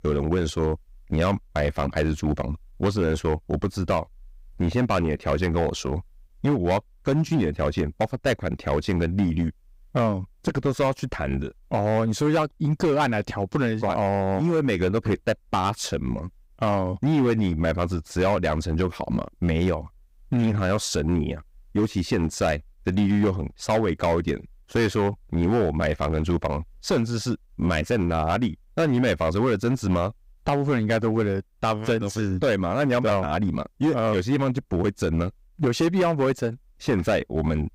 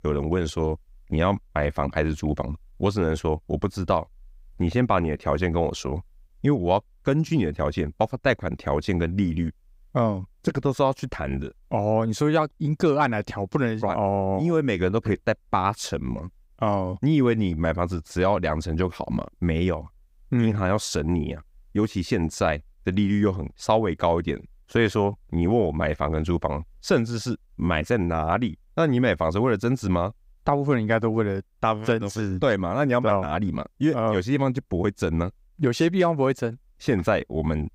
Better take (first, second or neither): second